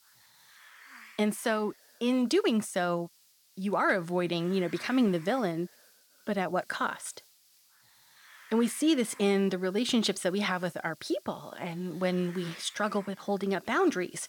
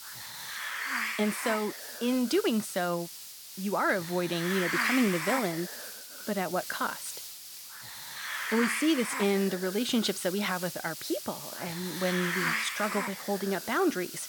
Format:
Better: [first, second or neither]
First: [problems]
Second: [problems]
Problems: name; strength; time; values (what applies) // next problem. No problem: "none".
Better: first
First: hiss; faint; throughout; 25 dB below the speech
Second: hiss; loud; throughout; 4 dB below the speech